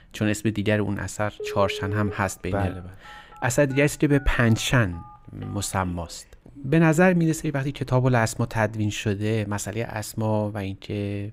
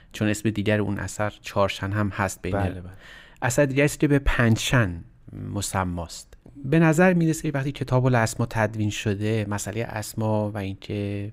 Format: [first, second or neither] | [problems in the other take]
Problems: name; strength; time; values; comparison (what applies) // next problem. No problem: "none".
second | phone ringing; noticeable; from 1.5 to 8 s; peak 9 dB below the speech